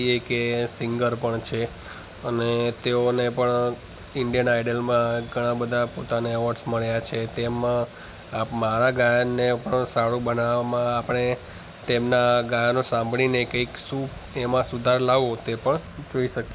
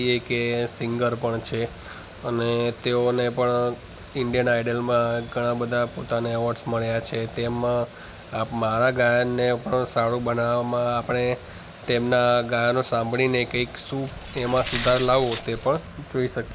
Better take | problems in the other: first | background sound (Glass); 11 dB below the speech

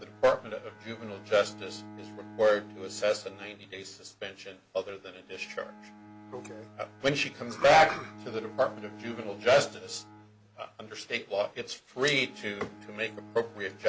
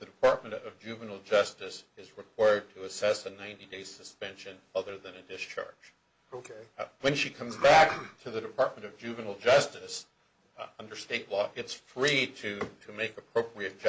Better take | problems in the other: second | background sound (Bowed string instrument); 19 dB below the speech

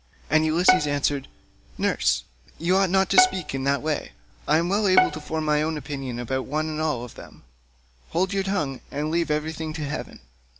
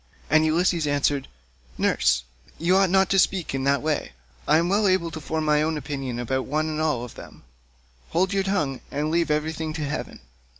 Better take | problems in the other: second | background sound (Bowed string instrument); 3 dB below the speech

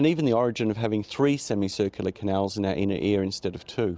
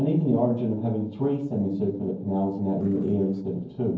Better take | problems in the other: first | noise reduction (neural separator model SepFormer DNS4)

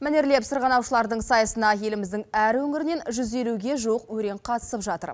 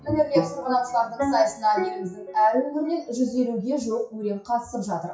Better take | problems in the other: first | noise reduction (classical method WPE with log-MMSE)

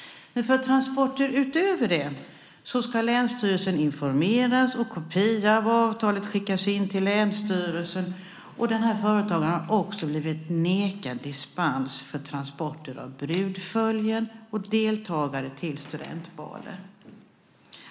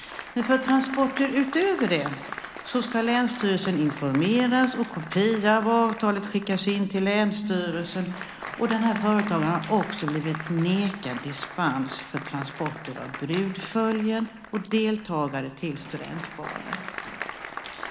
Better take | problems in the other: first | background sound (Applause); 13 dB below the speech

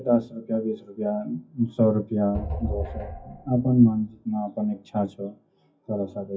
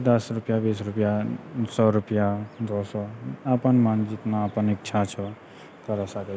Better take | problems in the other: second | noise reduction (classical method WPE with log-MMSE)

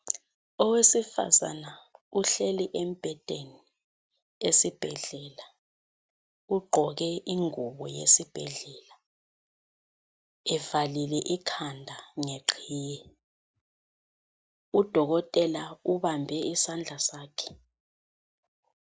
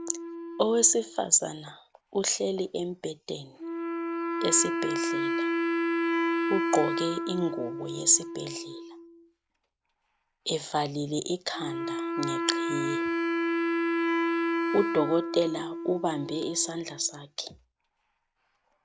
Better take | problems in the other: first | background sound (Wind instrument, woodwind instrument); 1 dB below the speech

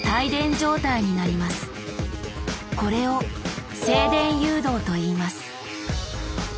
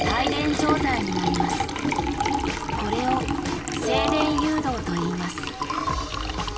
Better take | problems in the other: first | background sound (Liquid); 1 dB below the speech // room echo; dies away in 2.3 s

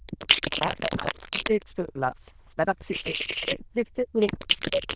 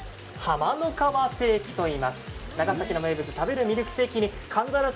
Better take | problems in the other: second | noise reduction (neural diffusion model UNIVERSE++)

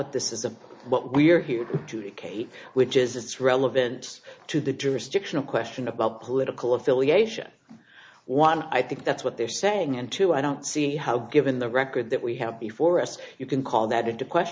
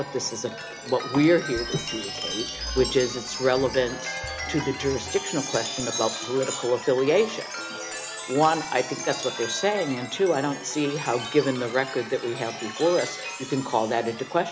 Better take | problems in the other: first | background sound (Chime); 8 dB below the speech

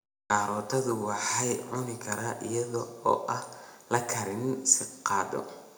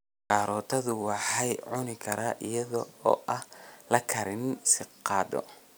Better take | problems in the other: second | room echo; dies away in 0.6 s

